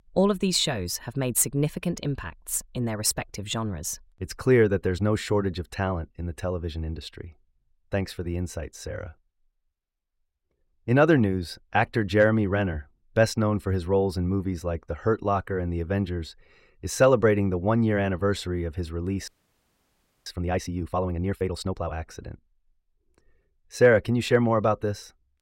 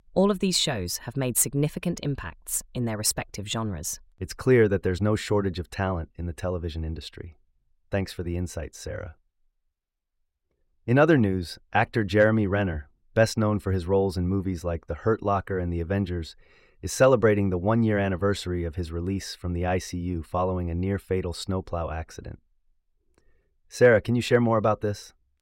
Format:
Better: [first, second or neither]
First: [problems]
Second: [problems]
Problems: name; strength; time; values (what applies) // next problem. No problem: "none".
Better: second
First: audio freezing; at 19 s for 1 s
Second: none